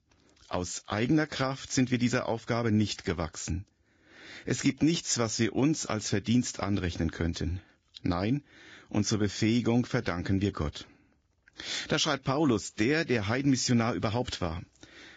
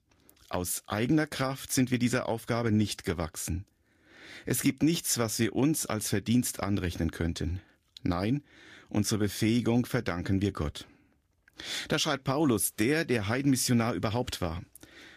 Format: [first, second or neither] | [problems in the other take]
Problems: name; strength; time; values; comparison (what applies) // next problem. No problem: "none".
second | garbled, watery; badly; nothing above 7.5 kHz; slightly in the second